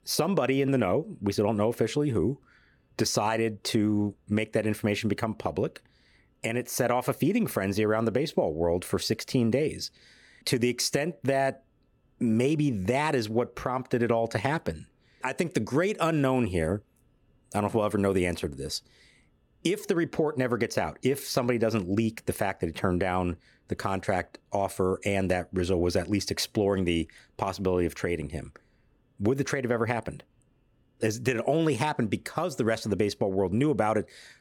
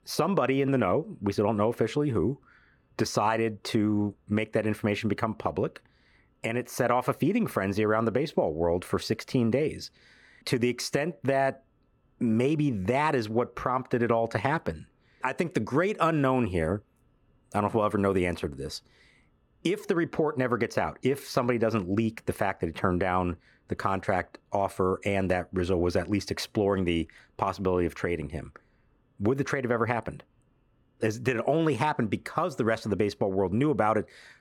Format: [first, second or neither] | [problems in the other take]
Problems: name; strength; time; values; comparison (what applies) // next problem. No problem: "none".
first | muffled; very slightly; fading above 4 kHz